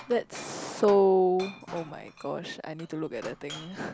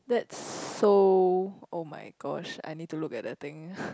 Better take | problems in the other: second | background sound (Glass); 19 dB below the speech

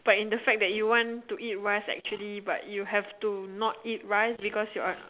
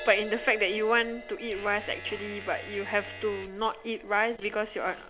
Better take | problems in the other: first | background sound (Crash cymbal + Domestic sounds, home sounds); 14 dB below the speech

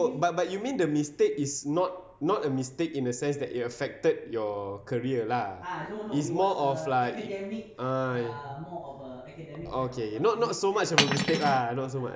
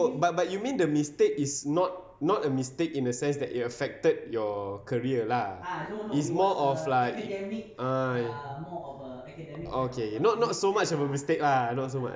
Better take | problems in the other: second | background sound (Cutlery, silverware); 2 dB above the speech

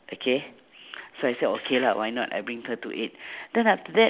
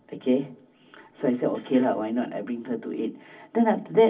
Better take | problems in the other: first | room echo; dies away in 0.4 s

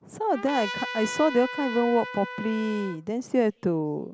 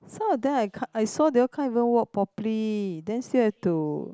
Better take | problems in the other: second | background sound (Trumpet); 10 dB below the speech

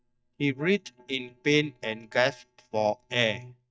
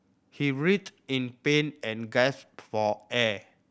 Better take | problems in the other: second | noise reduction (neural mask model DeepFilterNet 3)

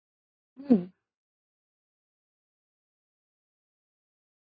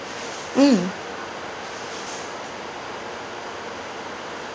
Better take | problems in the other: second | noise reduction (neural mask model DeepFilterNet 3)

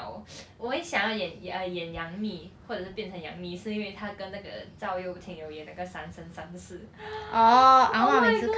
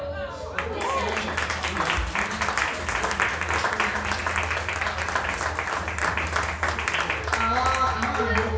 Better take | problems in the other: first | background sound (Applause); 4 dB above the speech // room echo; dies away in 0.6 s

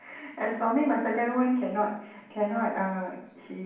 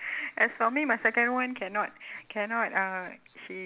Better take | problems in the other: second | room echo; dies away in 1.2 s

